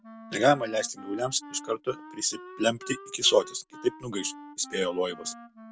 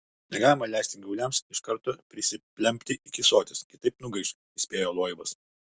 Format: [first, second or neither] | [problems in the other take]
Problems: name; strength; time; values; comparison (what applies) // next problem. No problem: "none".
second | background sound (Wind instrument, woodwind instrument); 17 dB below the speech